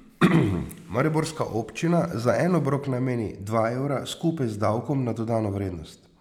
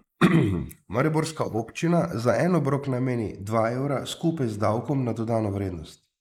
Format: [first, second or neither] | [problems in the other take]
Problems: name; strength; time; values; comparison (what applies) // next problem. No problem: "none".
first | noise reduction (neural mask model Resemble Enhance denoiser)